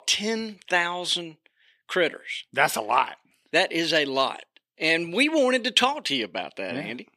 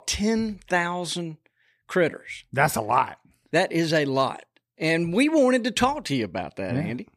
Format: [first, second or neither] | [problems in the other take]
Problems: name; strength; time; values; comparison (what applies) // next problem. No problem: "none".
second | thin; very slightly; fading below 300 Hz